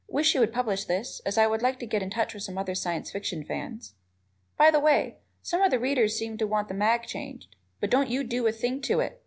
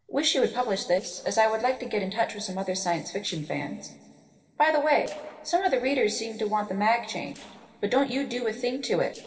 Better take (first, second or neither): first